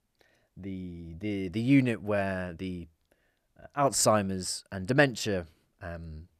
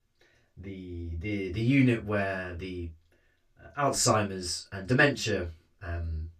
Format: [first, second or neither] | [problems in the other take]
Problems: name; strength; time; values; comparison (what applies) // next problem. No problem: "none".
first | room echo; very slight; dies away in 0.1 s // off-mic speech; far